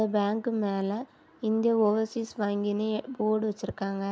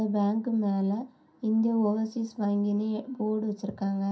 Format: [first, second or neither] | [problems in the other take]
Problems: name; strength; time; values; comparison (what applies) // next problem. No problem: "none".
first | room echo; dies away in 0.3 s